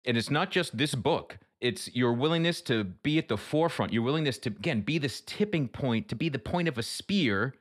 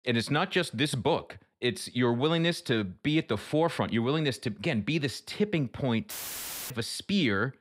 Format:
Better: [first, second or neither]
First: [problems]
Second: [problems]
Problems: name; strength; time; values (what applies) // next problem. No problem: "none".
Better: first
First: none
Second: audio cutting out; filled with static; at 6 s for 0.5 s